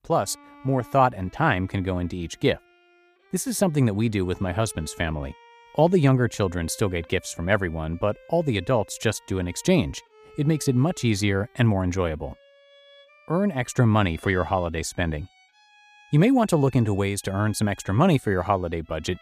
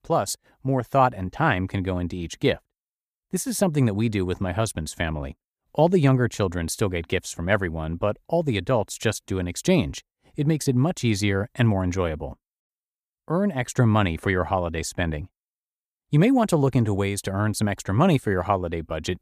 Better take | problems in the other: second | background music; faint; throughout; 25 dB below the speech

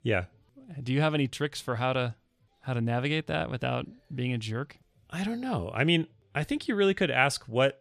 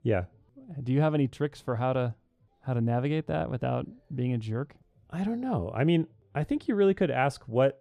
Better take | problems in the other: first | muffled; slightly; fading above 1.5 kHz

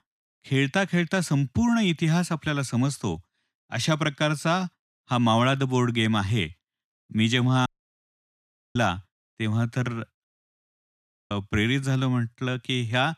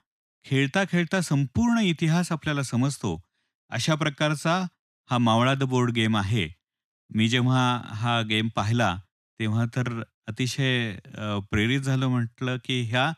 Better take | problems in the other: second | audio cutting out; at 7.5 s for 1 s and at 10 s for 1 s

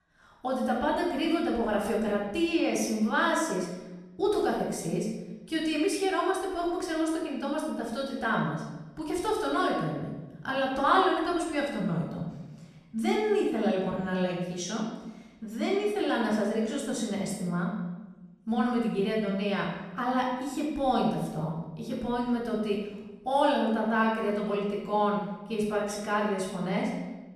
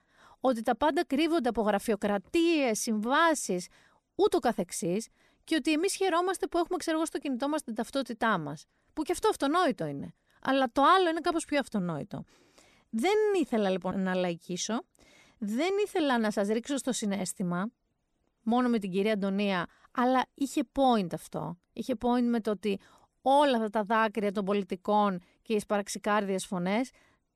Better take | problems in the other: second | off-mic speech; far // room echo; noticeable; dies away in 1.1 s

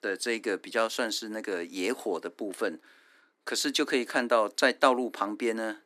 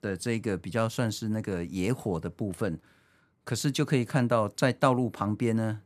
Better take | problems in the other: second | thin; somewhat; fading below 300 Hz

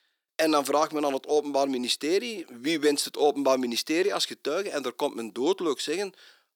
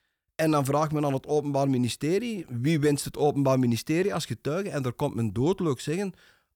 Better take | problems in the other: second | thin; somewhat; fading below 300 Hz

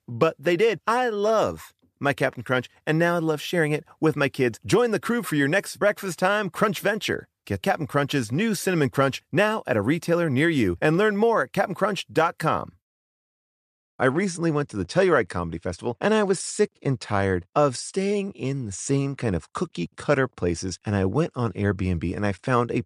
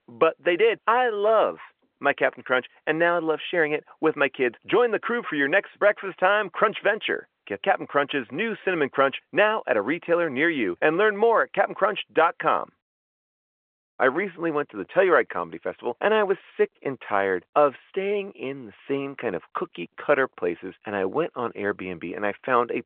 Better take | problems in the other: first | phone-call audio

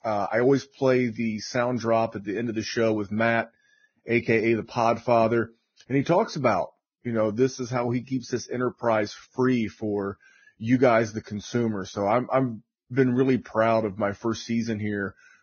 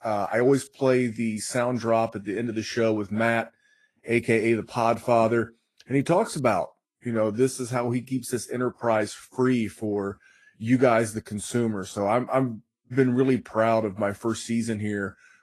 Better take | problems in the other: second | garbled, watery; badly; nothing above 6.5 kHz; slightly in the second

